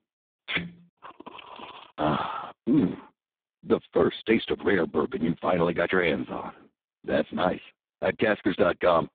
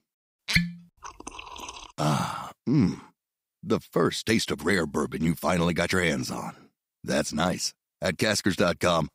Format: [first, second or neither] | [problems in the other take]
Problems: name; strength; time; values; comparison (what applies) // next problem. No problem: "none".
second | phone-call audio; poor line; nothing above 3.5 kHz